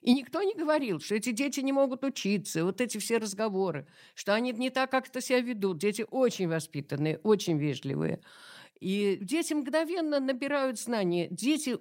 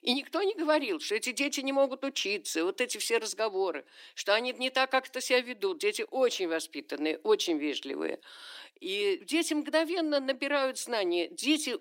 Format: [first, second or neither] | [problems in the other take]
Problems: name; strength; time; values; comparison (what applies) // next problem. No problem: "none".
first | thin; somewhat; fading below 300 Hz